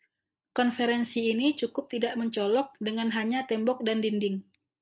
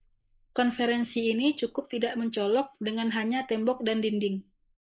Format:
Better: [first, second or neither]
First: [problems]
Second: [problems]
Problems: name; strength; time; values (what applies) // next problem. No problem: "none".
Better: first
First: none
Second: noise reduction (neural mask model Resemble Enhance denoiser)